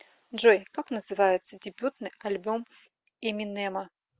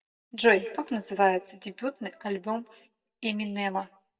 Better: first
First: none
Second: noise reduction (neural mask model DeepFilterNet 3)

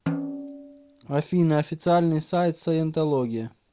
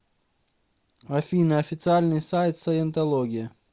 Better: second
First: background sound (Snare drum); 11 dB below the speech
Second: none

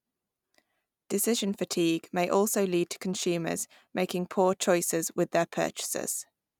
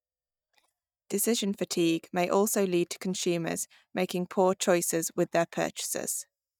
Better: first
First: none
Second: noise reduction (neural mask model DeepFilterNet 3)

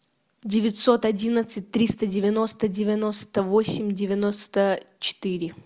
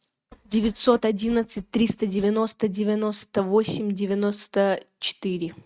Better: first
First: none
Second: noise reduction (neural mask model RNNoise)

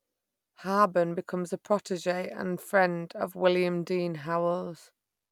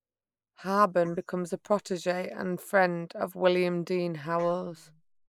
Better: first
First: none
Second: noise reduction (neural mask model Resemble Enhance denoiser)

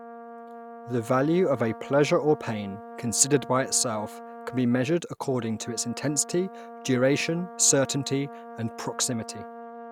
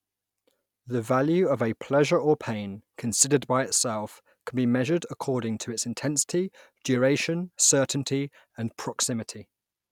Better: second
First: background sound (Brass instrument); 15 dB below the speech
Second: none

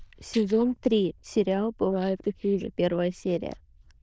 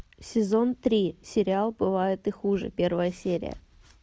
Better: second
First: noise reduction (neural diffusion model UNIVERSE++)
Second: none

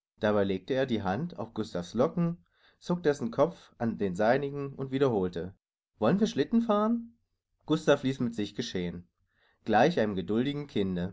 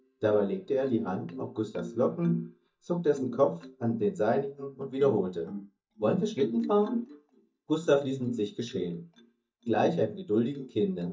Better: first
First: none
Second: noise reduction (neural mask model DeepFilterNet 3)

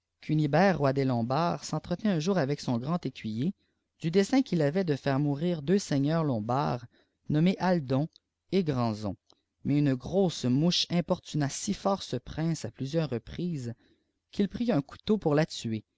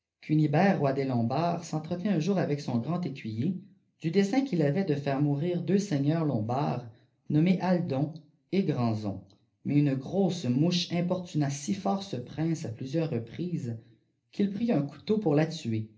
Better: first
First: none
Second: room echo; dies away in 0.3 s

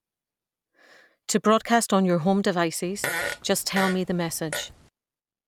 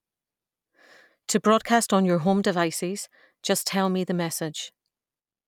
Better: second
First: background sound (Fart); 7 dB below the speech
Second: none

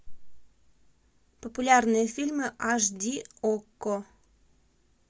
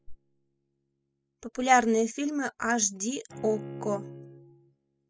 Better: first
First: none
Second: noise reduction (classical method spectral subtraction)

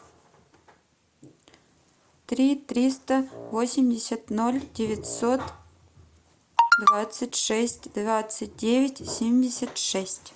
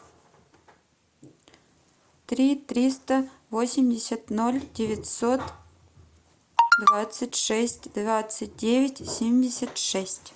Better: second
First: background sound (Wind instrument, woodwind instrument); 18 dB below the speech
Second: none

